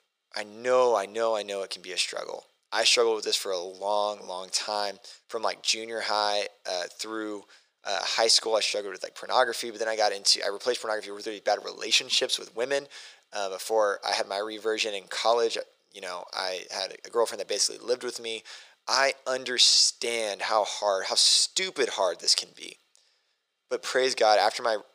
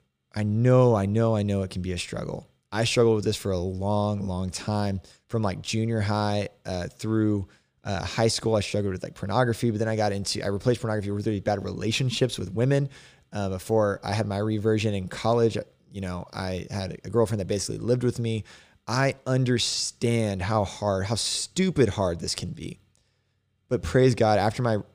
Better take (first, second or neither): second